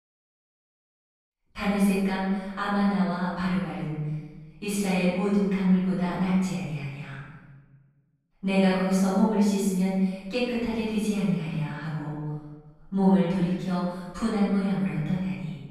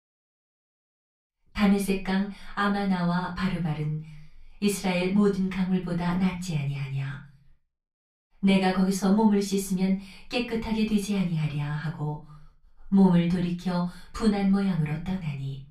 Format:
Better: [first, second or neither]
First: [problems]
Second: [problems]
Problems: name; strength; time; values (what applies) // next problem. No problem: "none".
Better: second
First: room echo; strong; dies away in 1.1 s // off-mic speech; far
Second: room echo; slight; dies away in 0.3 s // off-mic speech; far